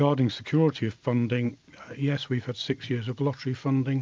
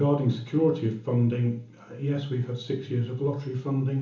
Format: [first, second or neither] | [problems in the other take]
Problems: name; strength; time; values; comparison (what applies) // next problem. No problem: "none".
first | room echo; dies away in 0.8 s